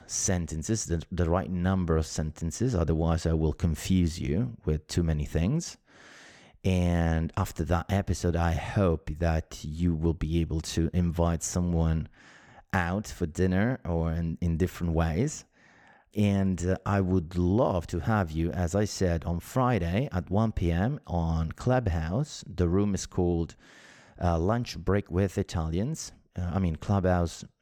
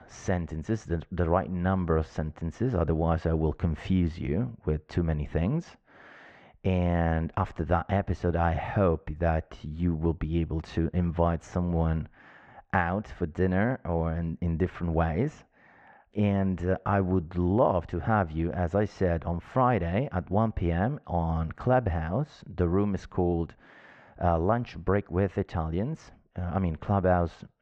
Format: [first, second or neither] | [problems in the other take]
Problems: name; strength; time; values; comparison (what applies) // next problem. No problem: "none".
first | muffled; very; fading above 2 kHz